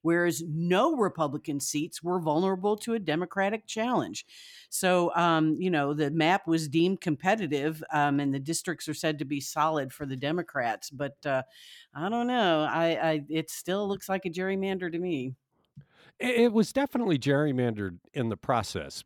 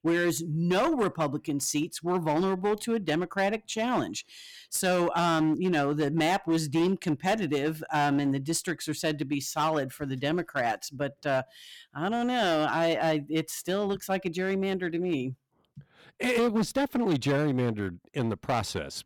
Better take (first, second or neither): first